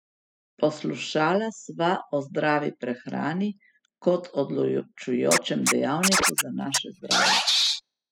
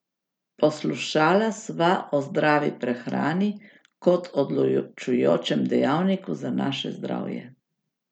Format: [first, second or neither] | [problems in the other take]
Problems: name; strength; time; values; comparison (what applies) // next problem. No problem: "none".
second | noise reduction (classical method spectral subtraction)